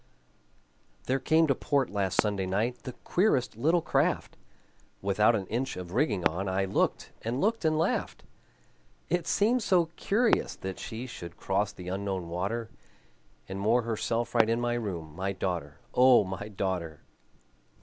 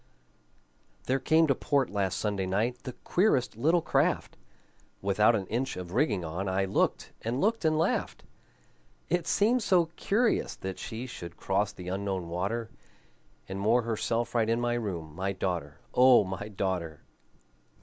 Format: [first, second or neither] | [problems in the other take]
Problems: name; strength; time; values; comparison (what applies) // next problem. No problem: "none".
second | background sound (Fireworks); 14 dB below the speech